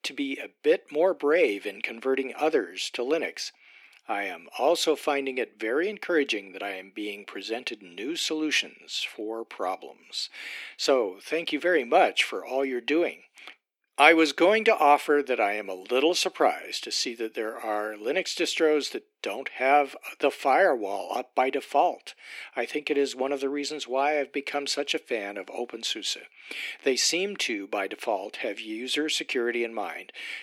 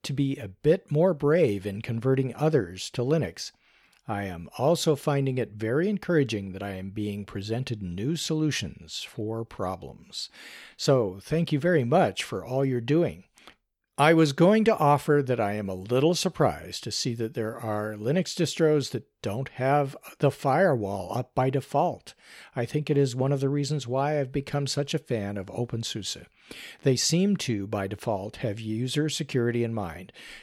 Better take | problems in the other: second | thin; somewhat; fading below 300 Hz

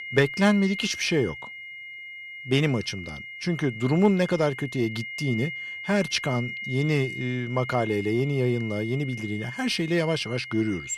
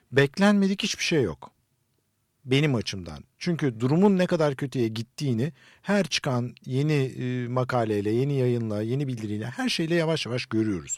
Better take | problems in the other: second | high-pitched whine; loud; throughout; 2 kHz, 9 dB below the speech

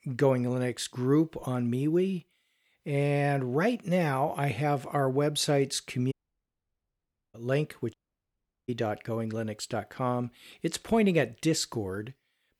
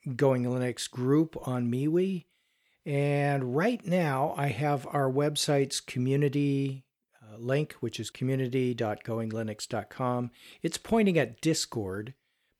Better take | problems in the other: second | audio cutting out; at 6 s for 1 s and at 8 s for 0.5 s

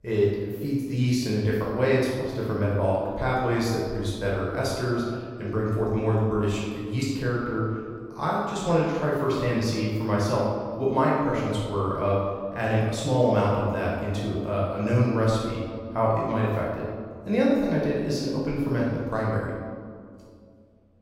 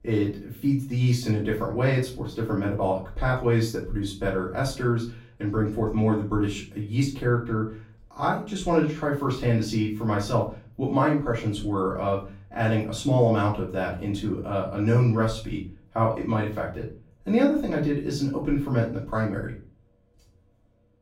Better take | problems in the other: second | room echo; strong; dies away in 1.7 s; slight in the second // off-mic speech; far; far in the second

